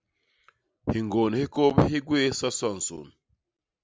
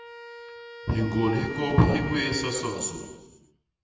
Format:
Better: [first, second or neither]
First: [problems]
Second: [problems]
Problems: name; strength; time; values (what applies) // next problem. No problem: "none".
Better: first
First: none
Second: background sound (Wind instrument, woodwind instrument); 13 dB below the speech // room echo; dies away in 1.3 s